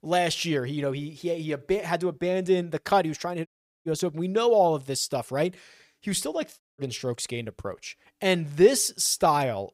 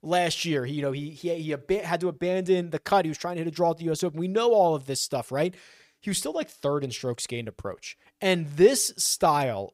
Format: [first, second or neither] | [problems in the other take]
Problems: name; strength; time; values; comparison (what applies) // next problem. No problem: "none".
second | audio cutting out; at 3.5 s and at 6.5 s